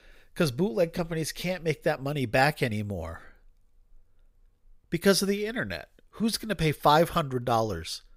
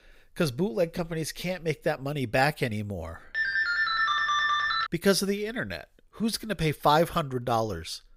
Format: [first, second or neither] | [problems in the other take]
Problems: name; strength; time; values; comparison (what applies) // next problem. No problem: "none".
first | phone ringing; loud; from 3.5 to 5 s; peak 4 dB above the speech